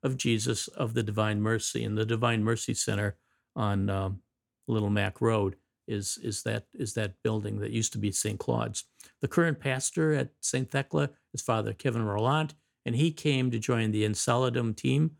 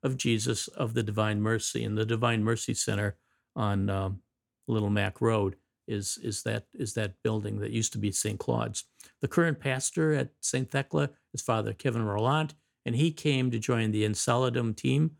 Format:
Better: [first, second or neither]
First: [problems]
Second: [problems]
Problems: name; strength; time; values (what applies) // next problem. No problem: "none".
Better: neither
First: none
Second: none